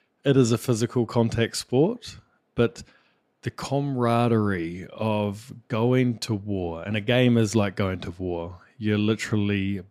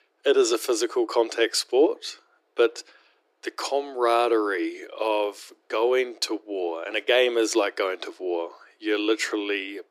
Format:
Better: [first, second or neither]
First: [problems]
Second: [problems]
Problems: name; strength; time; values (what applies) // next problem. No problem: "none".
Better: first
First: none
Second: thin; very; fading below 300 Hz